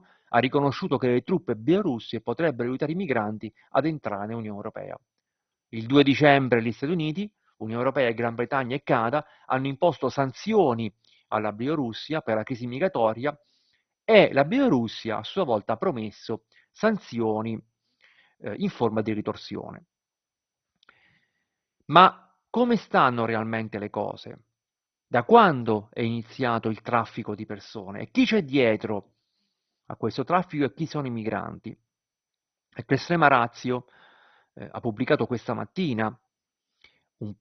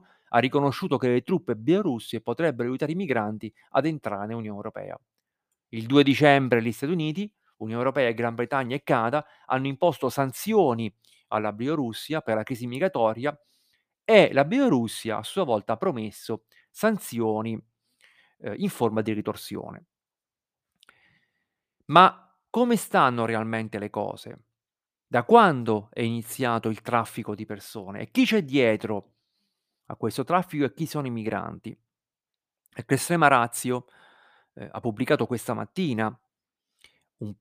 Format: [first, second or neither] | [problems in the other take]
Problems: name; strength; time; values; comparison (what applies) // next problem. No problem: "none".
second | garbled, watery; badly; nothing above 6 kHz